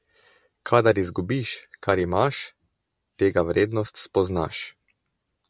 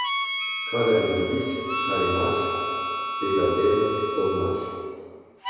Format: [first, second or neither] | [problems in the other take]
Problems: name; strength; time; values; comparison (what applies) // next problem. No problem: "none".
first | background sound (Harmonica); 4 dB below the speech // room echo; dies away in 2.2 s